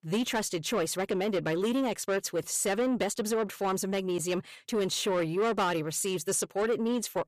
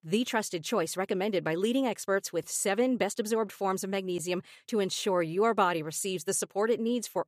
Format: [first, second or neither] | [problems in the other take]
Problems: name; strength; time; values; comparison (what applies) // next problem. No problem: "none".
second | distortion; slight; 10 dB below the speech